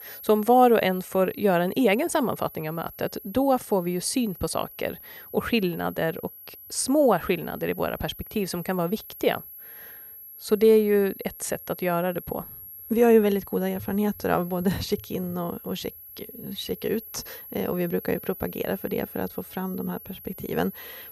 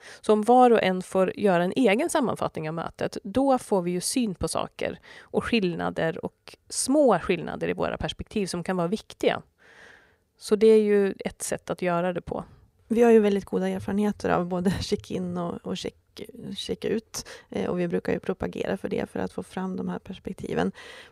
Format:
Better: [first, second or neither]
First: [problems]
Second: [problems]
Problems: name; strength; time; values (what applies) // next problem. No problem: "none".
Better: second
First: high-pitched whine; noticeable; throughout; 11.5 kHz, 15 dB below the speech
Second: none